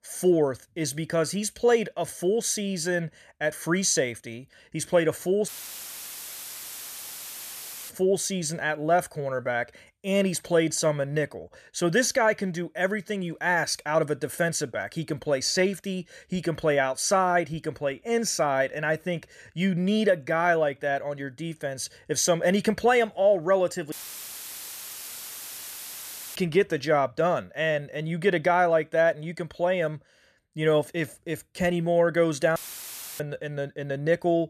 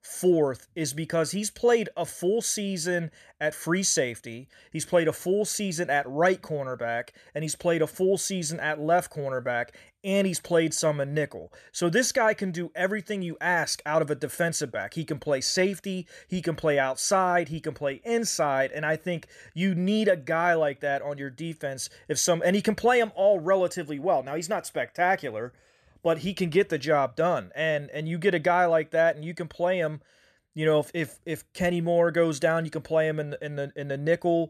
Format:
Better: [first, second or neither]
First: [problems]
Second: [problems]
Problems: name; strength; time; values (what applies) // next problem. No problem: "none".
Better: second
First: audio cutting out; filled with static; at 5.5 s for 2.5 s, at 24 s for 2.5 s and at 33 s for 0.5 s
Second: none